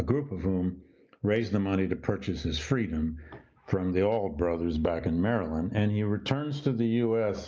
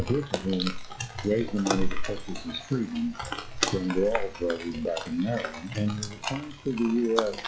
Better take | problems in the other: first | noise reduction (classical method log-MMSE)

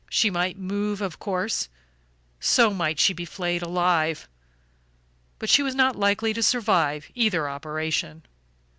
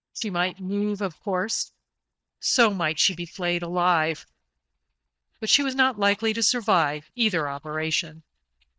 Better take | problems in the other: first | noise reduction (neural mask model DeepFilterNet 3)

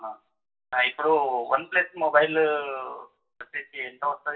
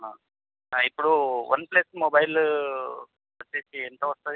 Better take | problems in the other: second | room echo; dies away in 0.2 s

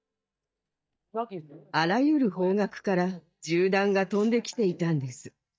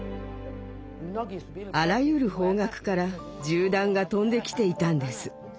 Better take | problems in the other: second | noise reduction (neural mask model DeepFilterNet 3)

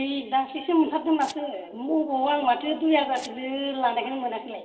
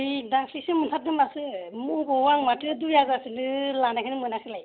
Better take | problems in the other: second | noise reduction (neural separator model SepFormer DNS4)

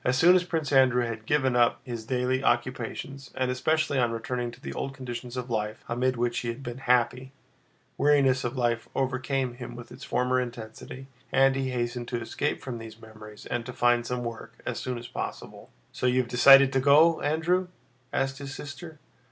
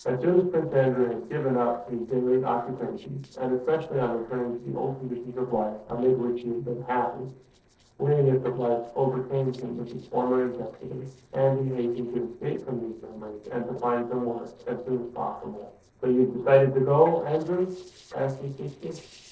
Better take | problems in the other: first | noise reduction (neural separator model SepFormer DNS4)

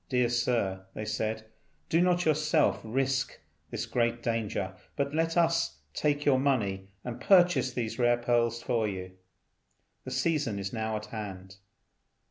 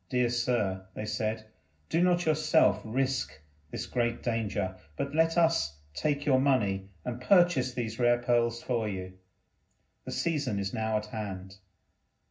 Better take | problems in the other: first | room echo; dies away in 0.4 s

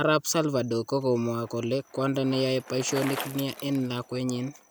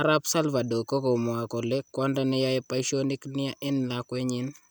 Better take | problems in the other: second | background sound (Bicycle); 15 dB below the speech

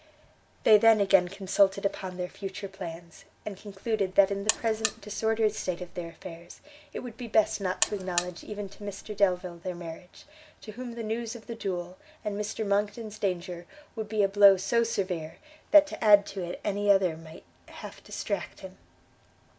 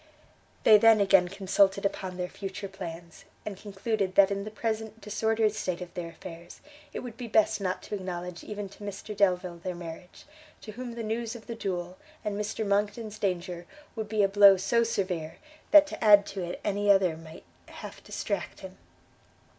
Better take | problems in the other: second | background sound (Alarm); 9 dB below the speech

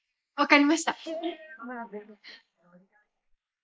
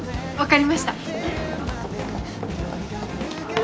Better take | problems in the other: second | noise reduction (neural mask model Resemble Enhance denoiser)

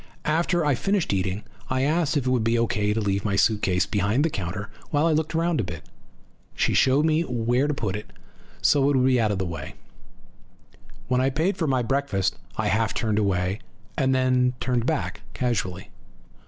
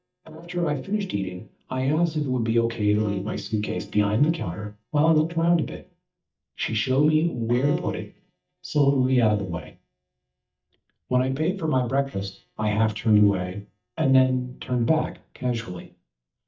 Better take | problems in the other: first | noise reduction (neural mask model DeepFilterNet 3)

